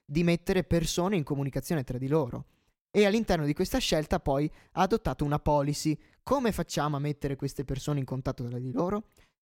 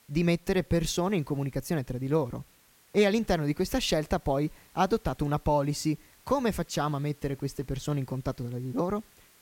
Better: first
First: none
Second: hiss; faint; throughout; 30 dB below the speech

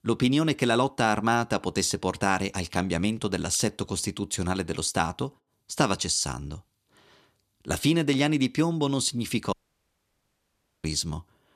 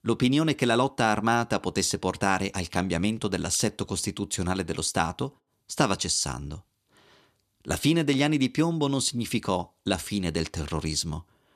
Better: second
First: audio cutting out; at 9.5 s for 1.5 s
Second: none

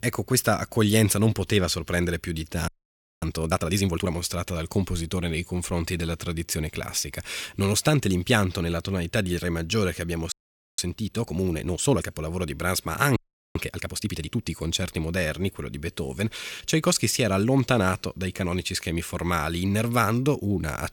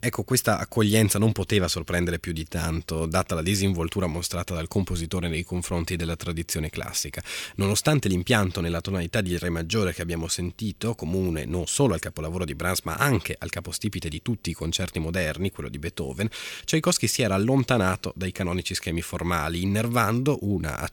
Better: second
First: audio freezing; at 2.5 s for 0.5 s, at 10 s and at 13 s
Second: none

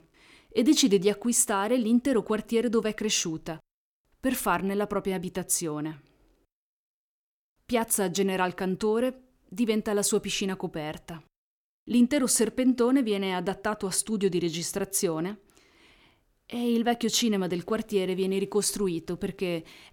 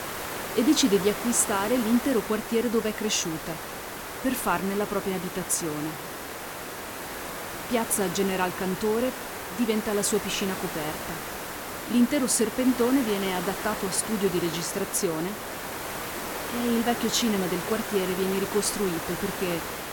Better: first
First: none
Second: hiss; loud; throughout; 7 dB below the speech

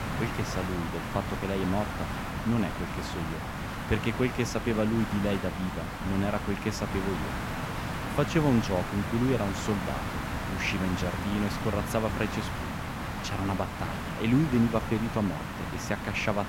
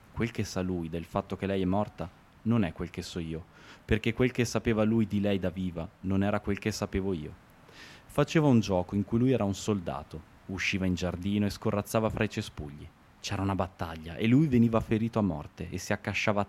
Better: second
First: hiss; loud; throughout; 4 dB below the speech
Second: hiss; faint; throughout; 30 dB below the speech

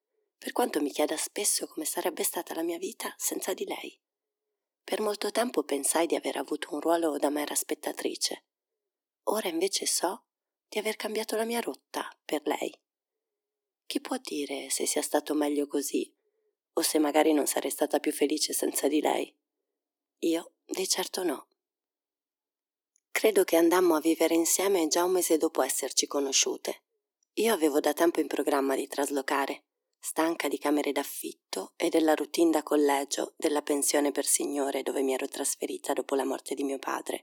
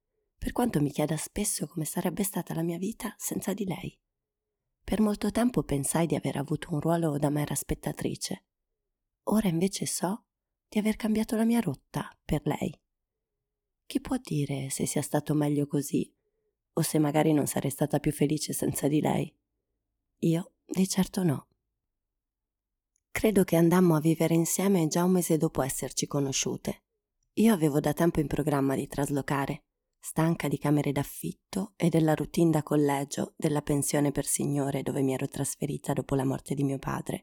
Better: second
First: thin; somewhat; fading below 300 Hz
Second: none

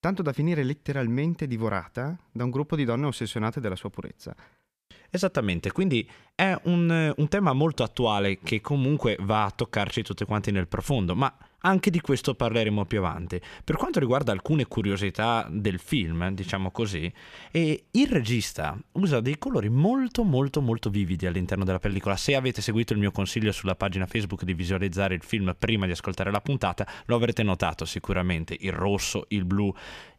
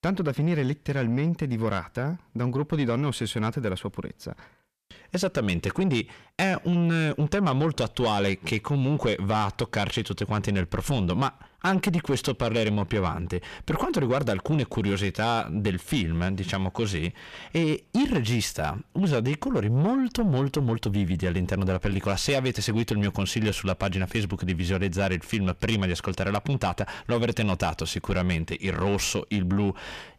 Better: first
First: none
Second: distortion; slight; 10 dB below the speech

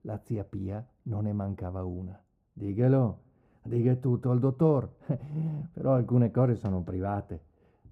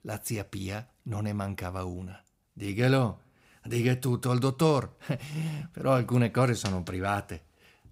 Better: second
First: muffled; very; fading above 1.5 kHz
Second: none

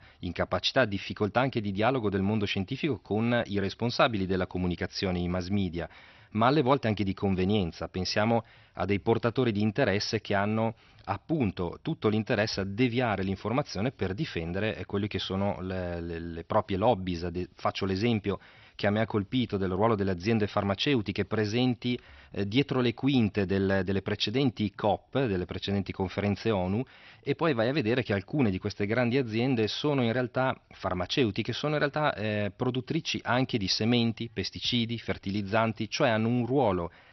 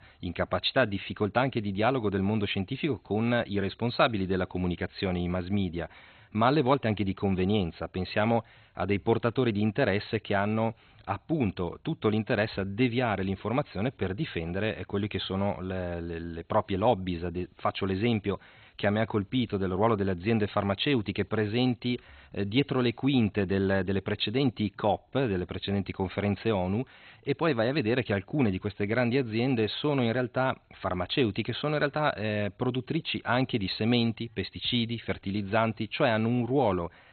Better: first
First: garbled, watery; slightly; nothing above 6 kHz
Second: garbled, watery; badly; nothing above 4 kHz

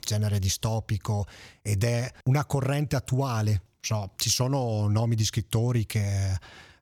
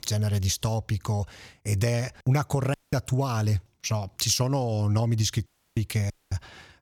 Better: first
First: none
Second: audio cutting out; at 2.5 s, at 5.5 s and at 6 s

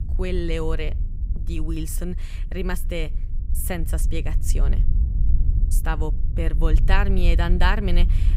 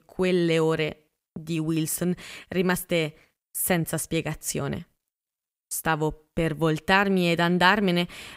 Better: second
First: low rumble; noticeable; throughout; 15 dB below the speech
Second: none

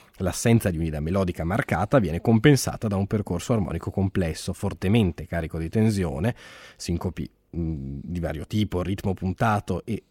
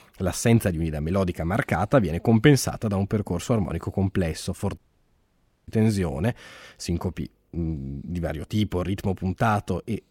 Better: first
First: none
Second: audio cutting out; at 5 s for 1 s

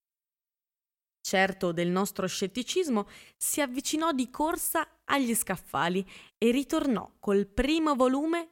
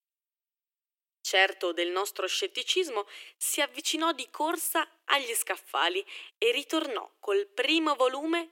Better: first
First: none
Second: thin; very; fading below 300 Hz

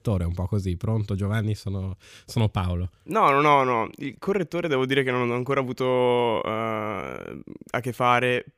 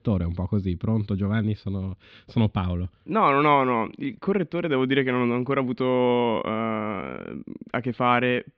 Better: first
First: none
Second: muffled; slightly; fading above 4 kHz

